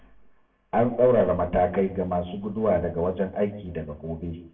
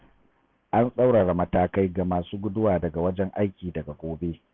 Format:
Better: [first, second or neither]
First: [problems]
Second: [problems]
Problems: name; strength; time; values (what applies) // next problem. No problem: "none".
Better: second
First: room echo; dies away in 0.6 s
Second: none